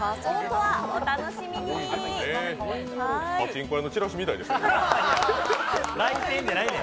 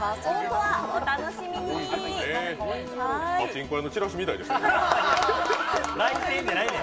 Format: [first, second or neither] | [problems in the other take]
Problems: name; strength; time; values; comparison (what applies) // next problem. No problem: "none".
first | room echo; dies away in 0.4 s